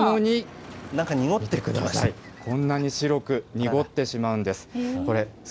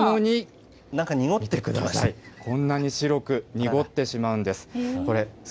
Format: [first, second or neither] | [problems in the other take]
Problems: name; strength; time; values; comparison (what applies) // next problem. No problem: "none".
second | background sound (Motor vehicle (road)); 20 dB below the speech